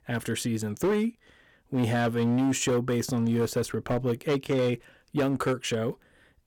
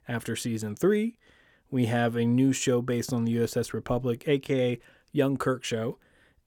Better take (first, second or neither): second